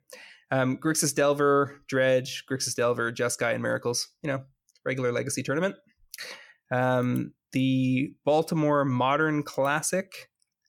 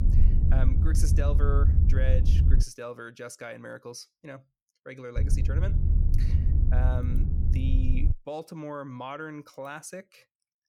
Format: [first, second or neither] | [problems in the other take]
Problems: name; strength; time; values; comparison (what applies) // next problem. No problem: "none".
first | low rumble; loud; until 2.5 s and from 5 to 8 s; 4 dB below the speech